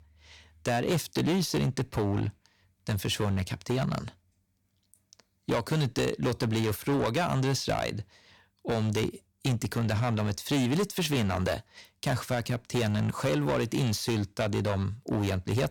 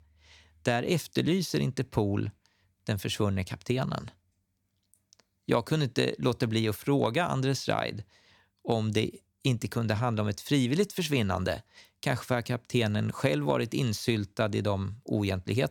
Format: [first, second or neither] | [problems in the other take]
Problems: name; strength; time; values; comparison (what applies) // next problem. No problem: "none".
second | distortion; heavy; 13% of the sound clipped